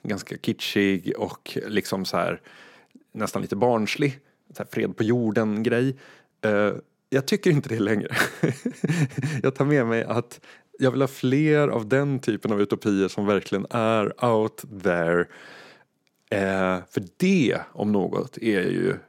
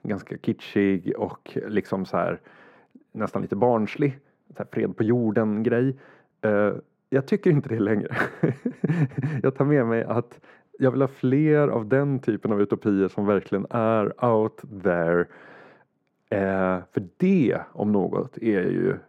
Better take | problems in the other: first | muffled; very; fading above 2.5 kHz

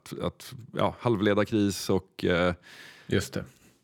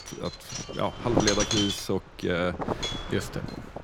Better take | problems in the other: first | wind noise on the microphone; heavy; 1 dB above the speech

